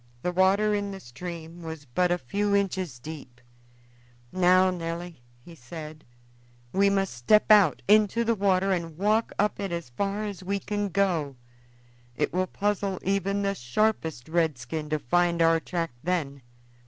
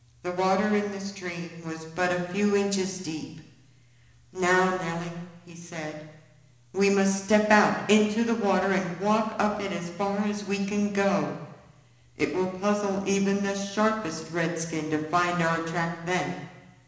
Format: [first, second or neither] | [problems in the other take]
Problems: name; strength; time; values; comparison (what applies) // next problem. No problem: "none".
first | room echo; dies away in 1 s